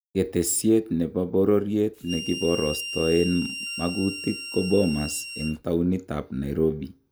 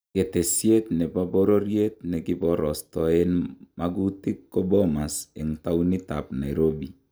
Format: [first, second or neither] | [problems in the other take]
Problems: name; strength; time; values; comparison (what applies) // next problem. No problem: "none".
second | background sound (Harmonica); 10 dB below the speech